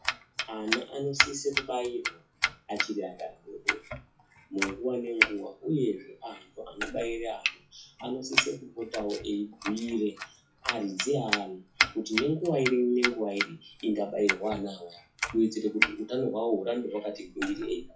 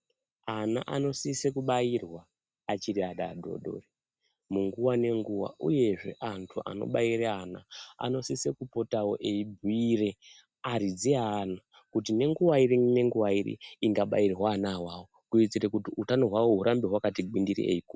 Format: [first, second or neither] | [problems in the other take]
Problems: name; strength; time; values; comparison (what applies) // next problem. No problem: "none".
second | noise reduction (classical method WPE with log-MMSE)